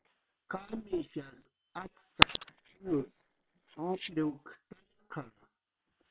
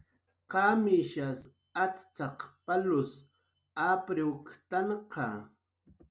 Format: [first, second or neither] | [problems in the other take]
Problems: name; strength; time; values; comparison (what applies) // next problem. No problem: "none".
second | noise reduction (neural separator model SepFormer WHAM!)